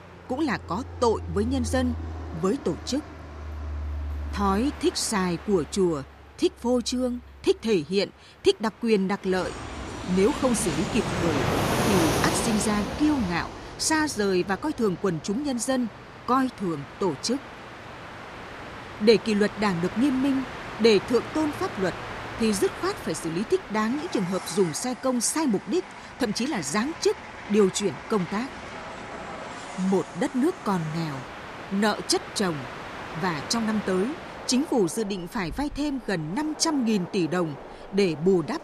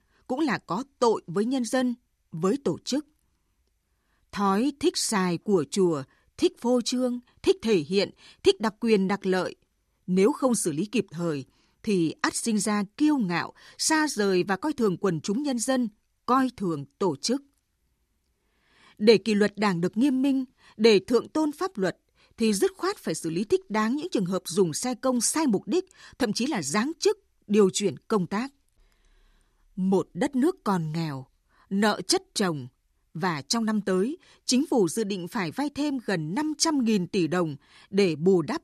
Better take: second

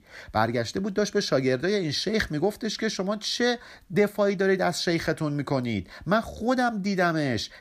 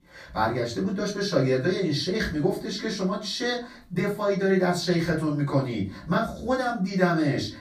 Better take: first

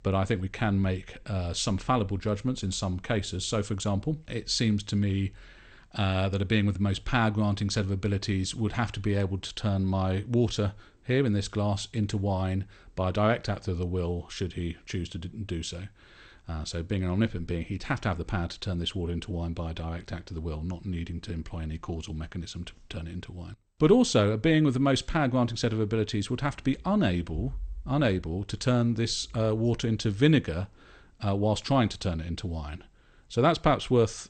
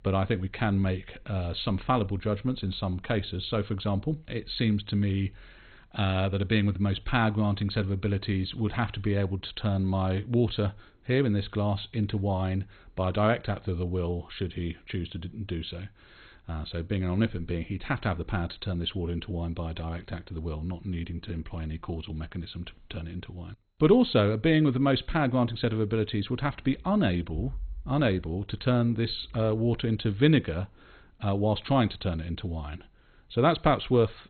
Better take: first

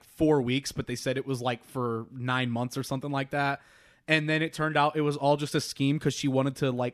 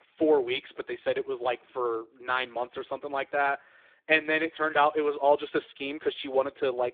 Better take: first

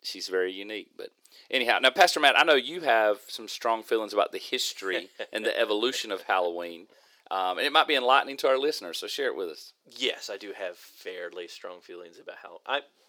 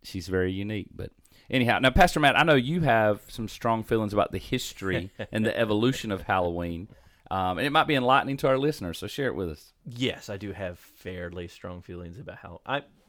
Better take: second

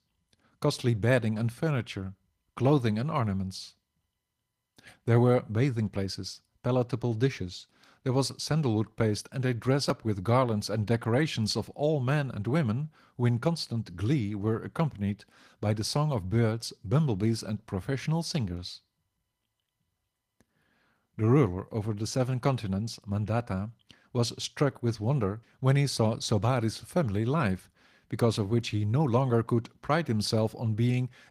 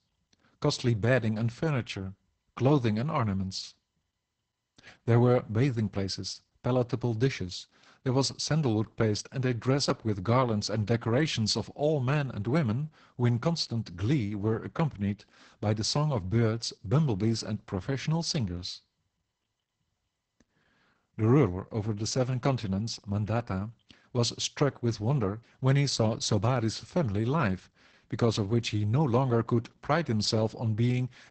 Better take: first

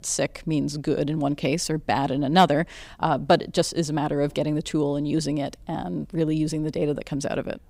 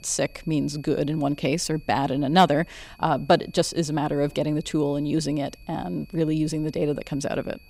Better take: first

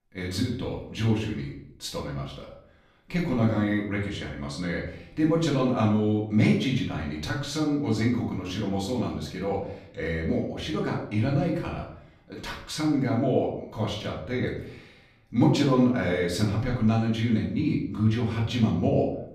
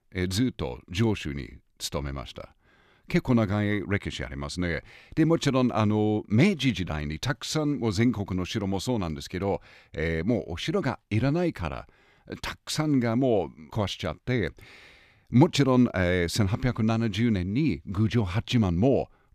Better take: second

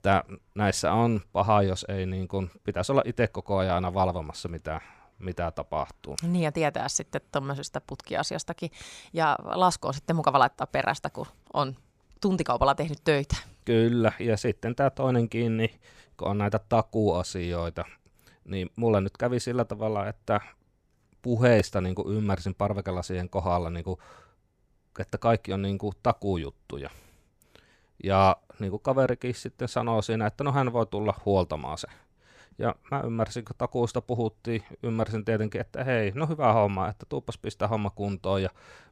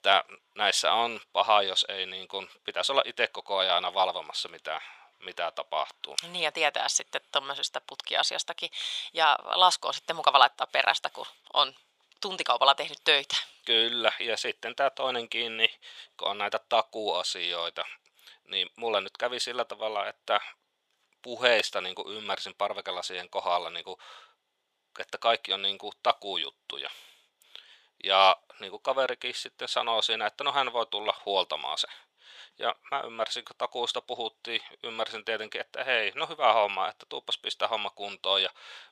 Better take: first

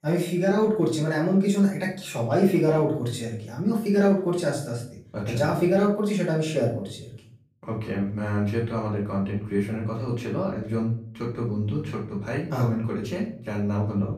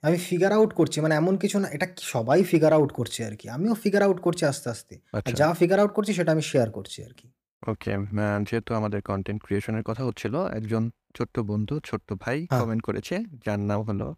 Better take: second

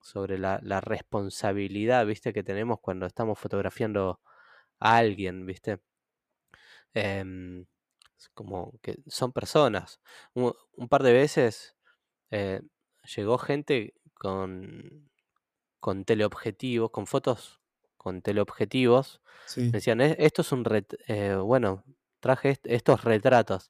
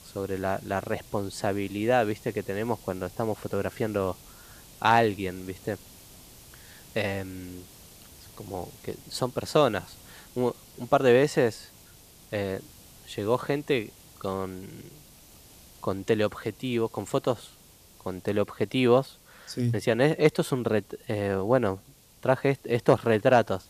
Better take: first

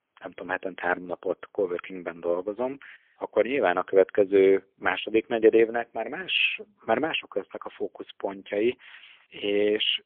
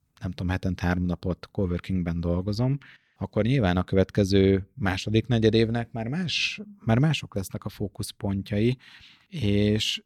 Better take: second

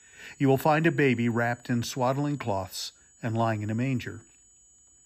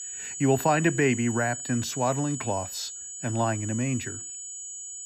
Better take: first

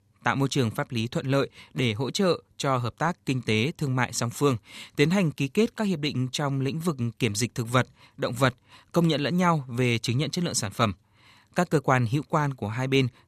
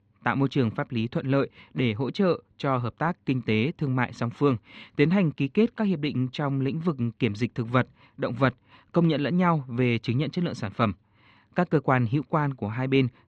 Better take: first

